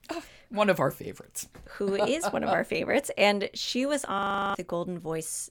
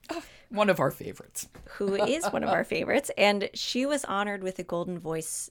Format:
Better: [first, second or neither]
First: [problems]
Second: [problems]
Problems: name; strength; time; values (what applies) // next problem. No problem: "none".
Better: second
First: audio freezing; at 4 s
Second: none